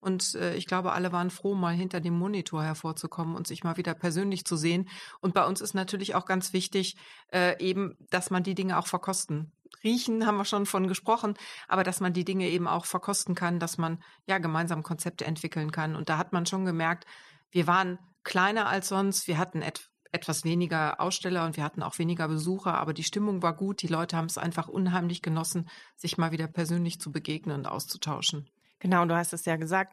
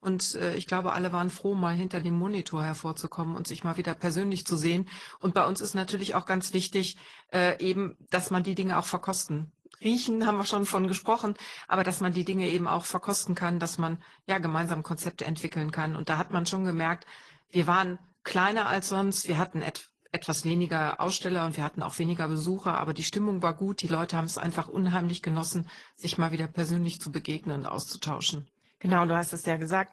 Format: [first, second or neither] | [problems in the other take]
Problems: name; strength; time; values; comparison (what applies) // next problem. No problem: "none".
first | garbled, watery; slightly; nothing above 12 kHz